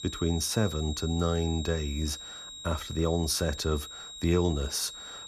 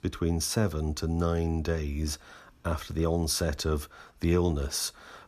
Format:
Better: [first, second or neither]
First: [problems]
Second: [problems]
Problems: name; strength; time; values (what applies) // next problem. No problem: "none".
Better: second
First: high-pitched whine; loud; throughout; 4 kHz, 10 dB below the speech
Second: none